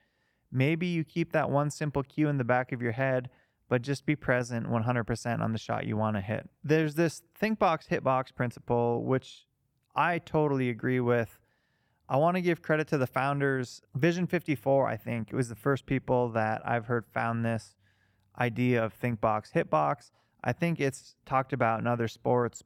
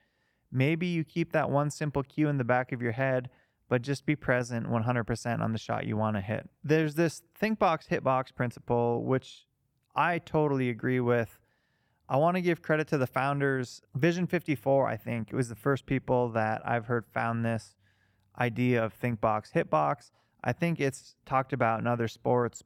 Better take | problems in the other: neither | none

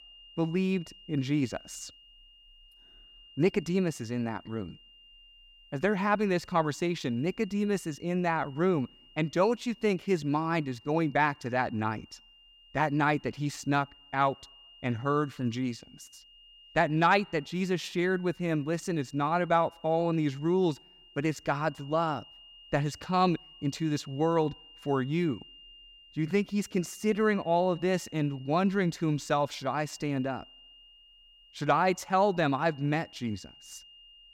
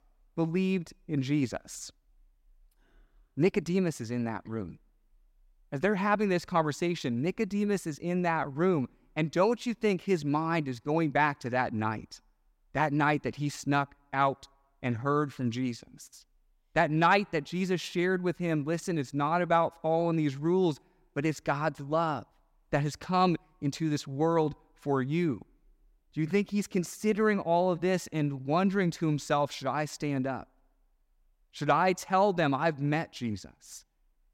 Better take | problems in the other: second | high-pitched whine; faint; throughout; 3 kHz, 25 dB below the speech

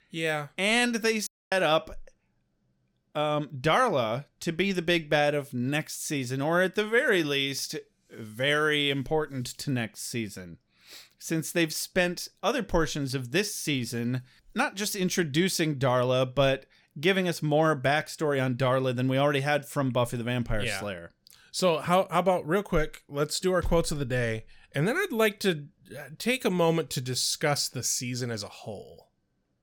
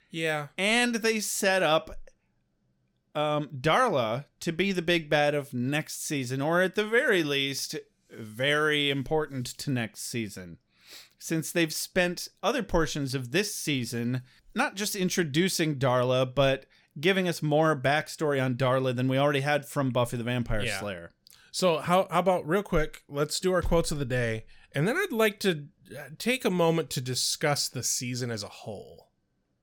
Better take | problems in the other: second | audio cutting out; at 1.5 s

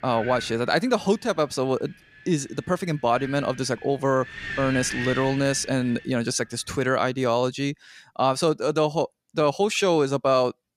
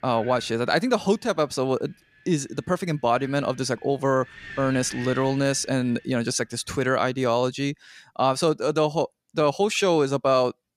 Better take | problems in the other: second | wind noise on the microphone; heavy; until 7 s; 9 dB below the speech; occasional gusts in the second

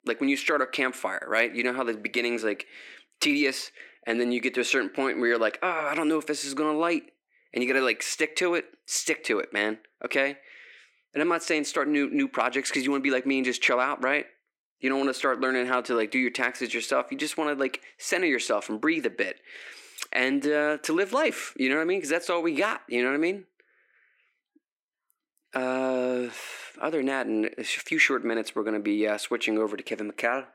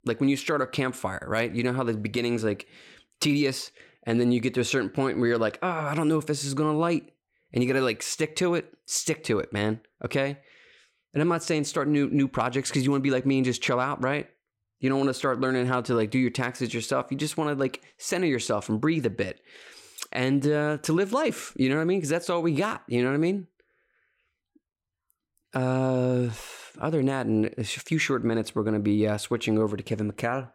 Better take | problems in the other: second | thin; very slightly; fading below 300 Hz

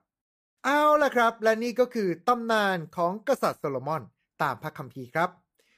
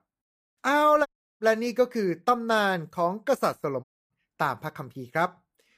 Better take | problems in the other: first | audio cutting out; at 1 s and at 4 s

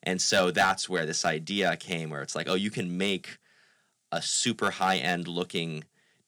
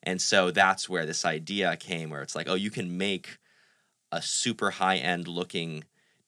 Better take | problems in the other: second | distortion; slight; 1.3% of the sound clipped

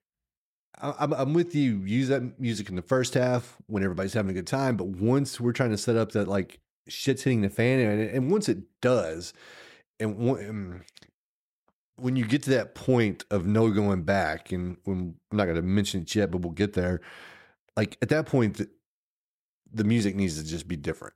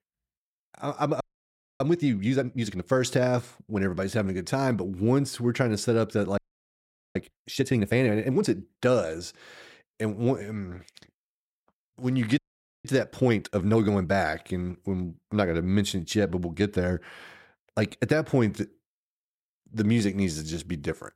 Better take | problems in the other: first | audio freezing; at 1 s for 0.5 s, at 6.5 s for 1 s and at 12 s

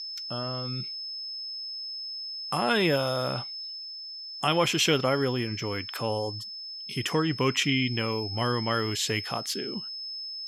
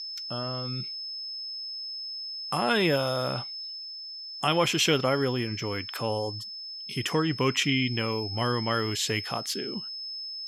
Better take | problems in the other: neither | high-pitched whine; loud; throughout; 5 kHz, 7 dB below the speech; the same in both

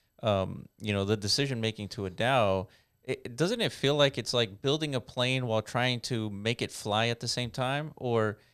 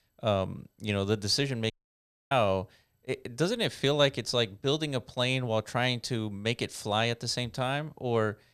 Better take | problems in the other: first | audio cutting out; at 1.5 s for 0.5 s

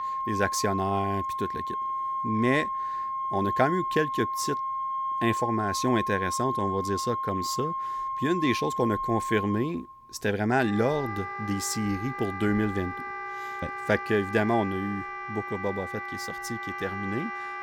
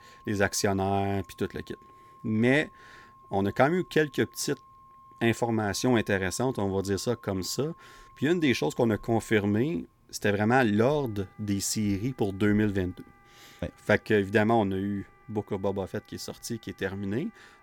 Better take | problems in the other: second | background music; loud; throughout; 3 dB below the speech; faint in the second

